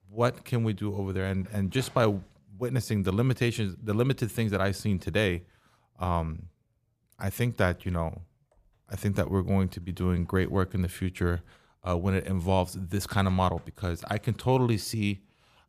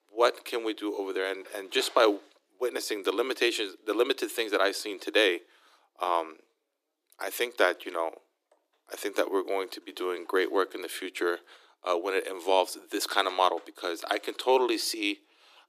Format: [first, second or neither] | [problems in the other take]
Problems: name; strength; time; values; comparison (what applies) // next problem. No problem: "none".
first | thin; very; fading below 300 Hz